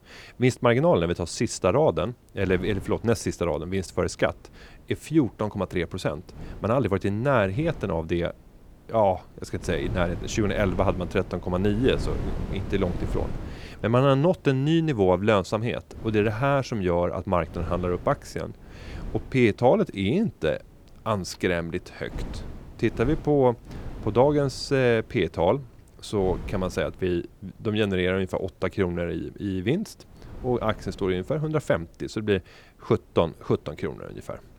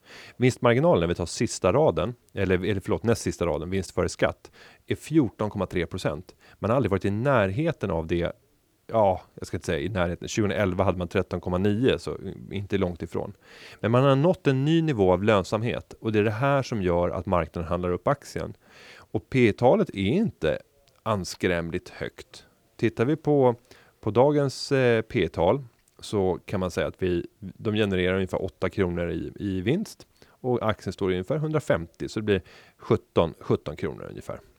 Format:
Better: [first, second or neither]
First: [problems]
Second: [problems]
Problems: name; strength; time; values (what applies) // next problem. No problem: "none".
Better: second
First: wind noise on the microphone; occasional gusts; 20 dB below the speech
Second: none